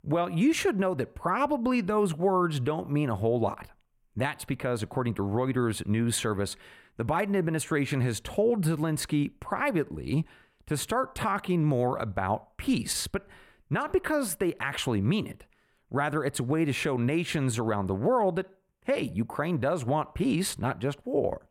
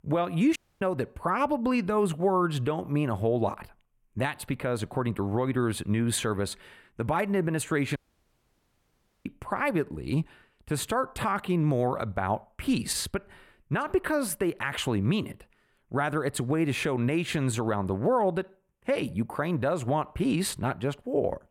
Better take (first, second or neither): first